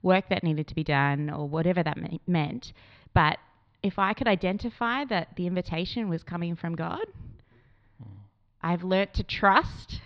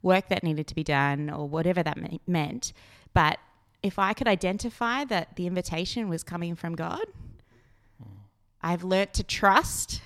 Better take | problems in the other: second | muffled; very slightly; fading above 4 kHz

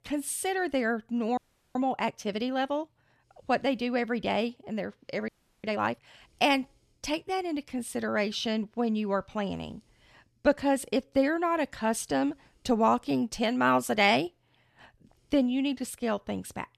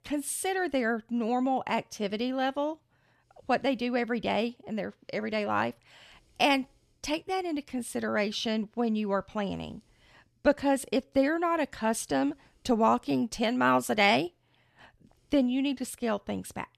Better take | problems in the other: second | audio freezing; at 1.5 s and at 5.5 s

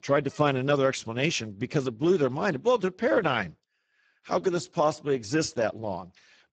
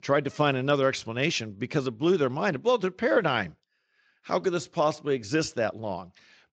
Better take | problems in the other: second | garbled, watery; badly; nothing above 7.5 kHz; slightly in the second

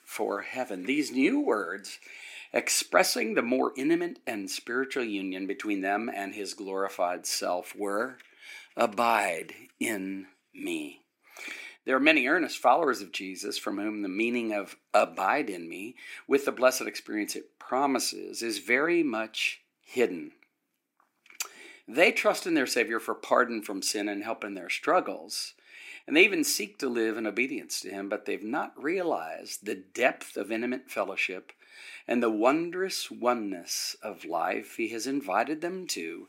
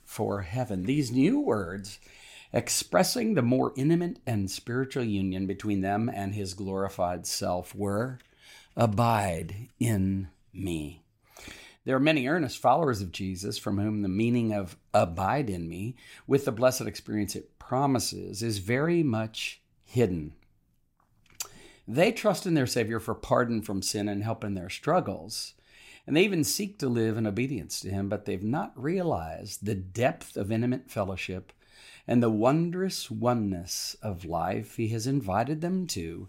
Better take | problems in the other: second | thin; very slightly; fading below 300 Hz

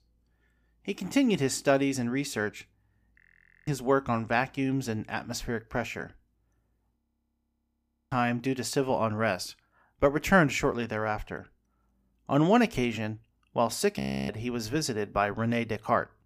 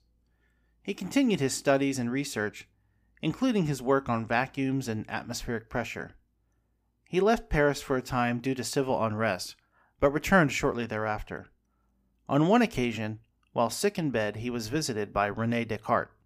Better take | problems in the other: second | audio freezing; at 3 s, at 7 s for 1 s and at 14 s

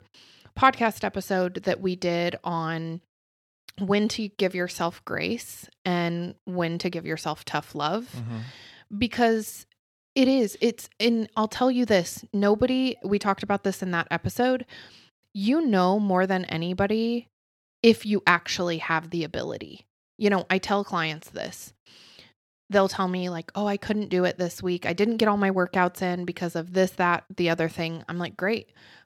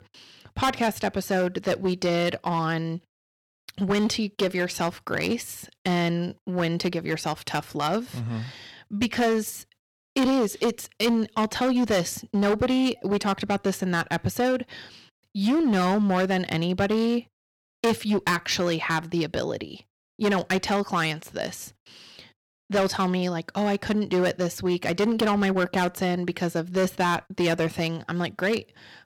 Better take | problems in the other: first | distortion; heavy; 9% of the sound clipped

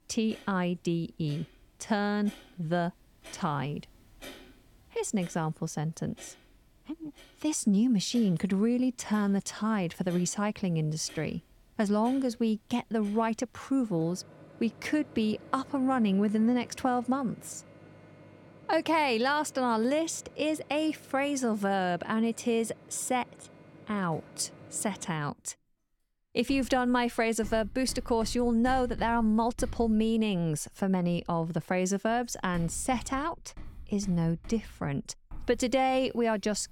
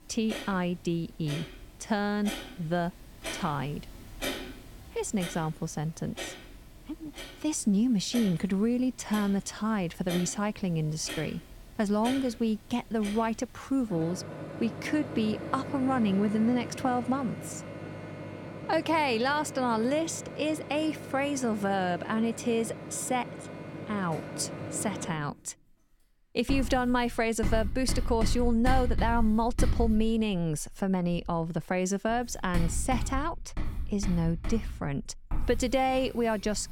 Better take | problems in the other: first | household noises; loud; throughout; 9 dB below the speech; faint in the first

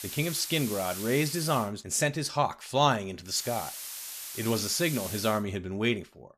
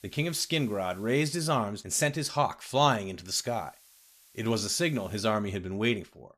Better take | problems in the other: second | hiss; loud; until 1.5 s and from 3.5 to 5.5 s; 8 dB below the speech; faint in the second

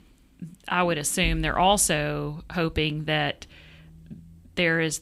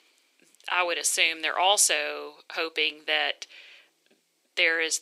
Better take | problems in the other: first | thin; very; fading below 400 Hz

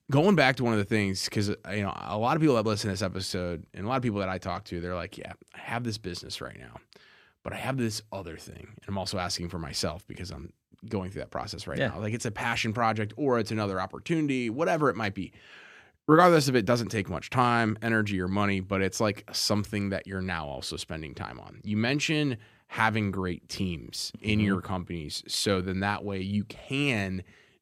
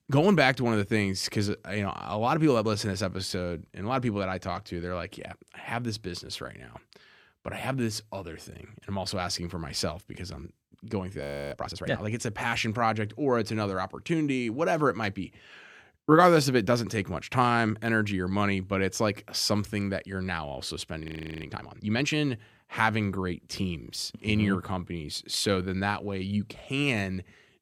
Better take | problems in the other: first | audio freezing; at 11 s and at 21 s

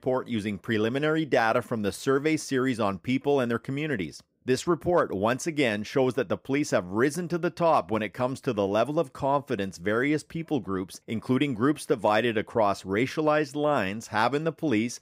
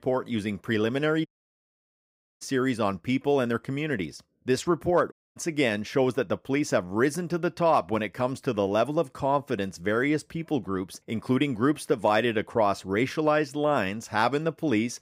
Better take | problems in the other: first | audio cutting out; at 1.5 s for 1 s and at 5 s

